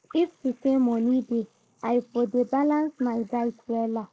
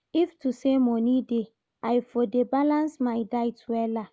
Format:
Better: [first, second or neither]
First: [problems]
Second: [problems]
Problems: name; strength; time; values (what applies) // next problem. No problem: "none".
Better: second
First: noise reduction (neural mask model Resemble Enhance denoiser)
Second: none